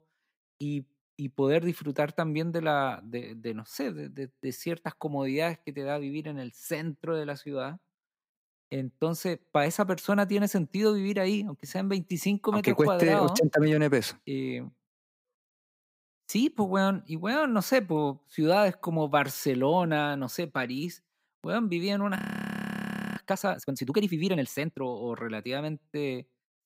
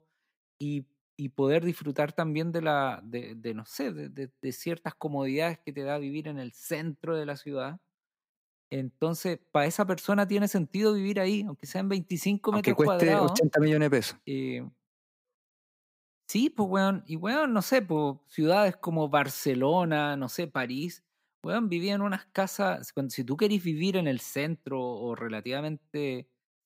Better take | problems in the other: second | audio freezing; at 22 s for 1 s

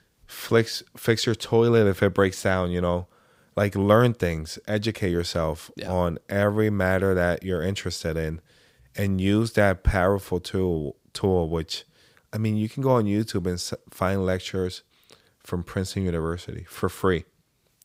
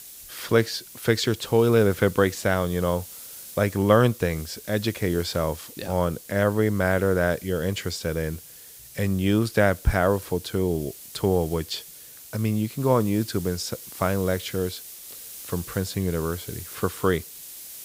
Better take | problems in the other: first | hiss; noticeable; throughout; 15 dB below the speech

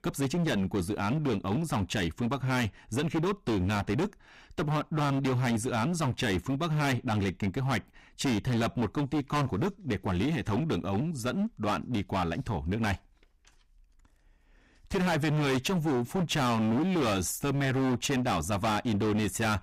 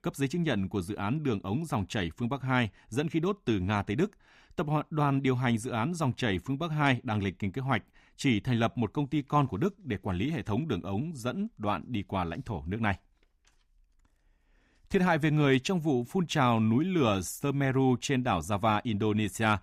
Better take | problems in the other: second | distortion; heavy; 23% of the sound clipped

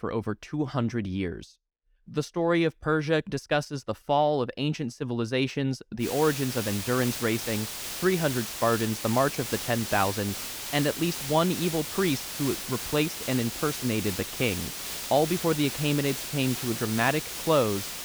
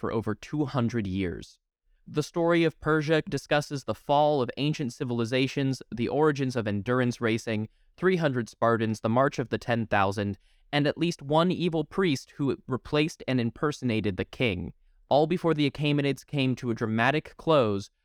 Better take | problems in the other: second | hiss; loud; from 6 s on; 5 dB below the speech

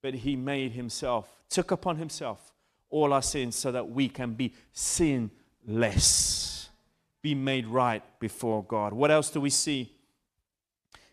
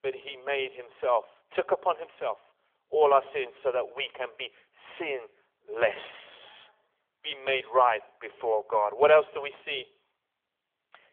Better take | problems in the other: first | phone-call audio; nothing above 3.5 kHz

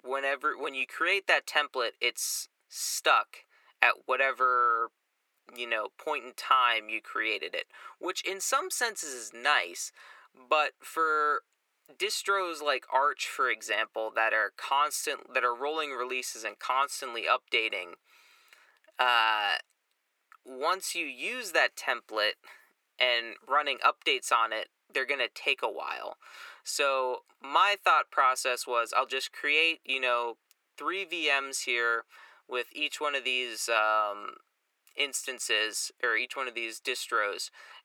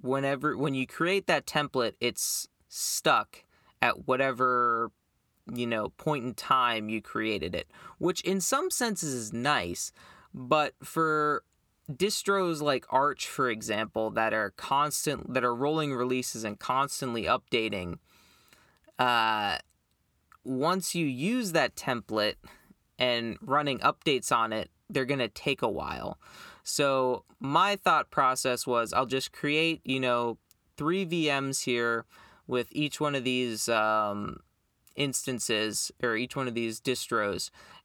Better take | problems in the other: second | thin; very; fading below 400 Hz

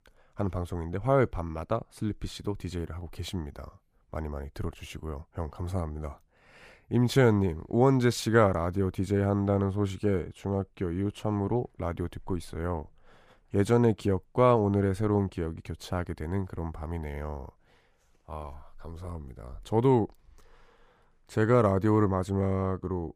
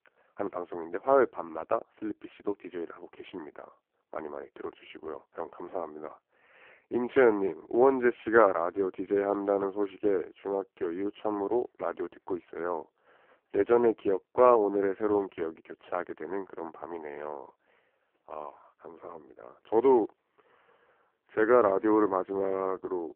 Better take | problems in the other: first | phone-call audio; poor line

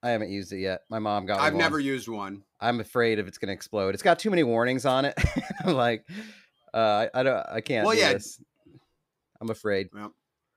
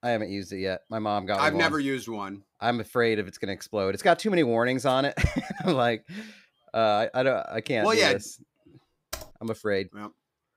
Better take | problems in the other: first | keyboard typing; faint; at 9 s; peak 15 dB below the speech

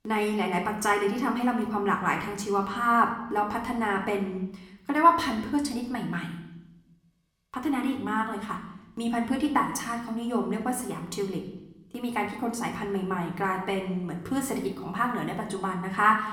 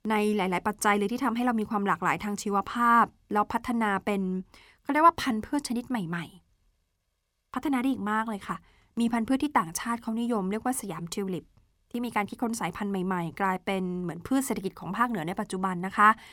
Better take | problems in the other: second | room echo; slight; dies away in 0.8 s // off-mic speech; somewhat distant

